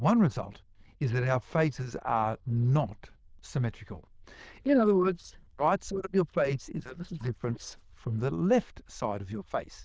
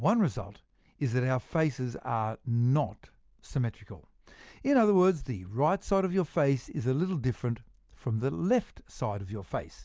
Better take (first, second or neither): second